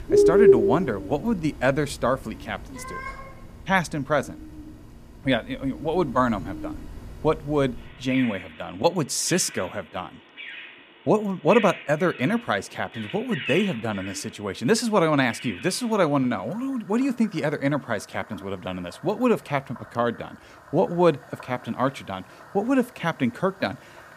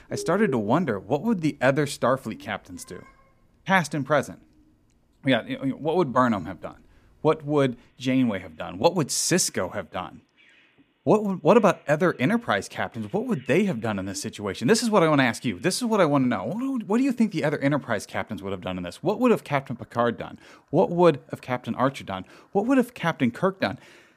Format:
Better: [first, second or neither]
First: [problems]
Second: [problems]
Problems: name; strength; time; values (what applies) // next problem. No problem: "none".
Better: second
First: animal sounds; loud; throughout; 2 dB below the speech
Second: animal sounds; faint; throughout; 20 dB below the speech